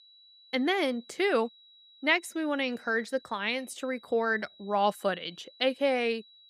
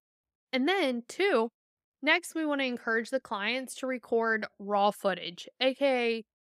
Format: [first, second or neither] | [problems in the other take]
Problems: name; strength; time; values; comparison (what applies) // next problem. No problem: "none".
second | high-pitched whine; faint; throughout; 4 kHz, 25 dB below the speech